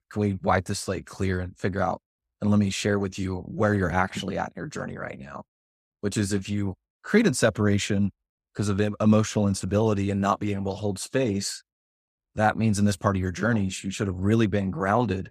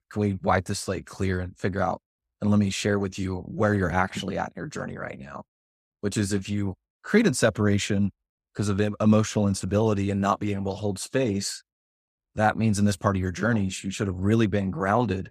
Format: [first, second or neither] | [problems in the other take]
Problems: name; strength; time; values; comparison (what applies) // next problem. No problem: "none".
neither | none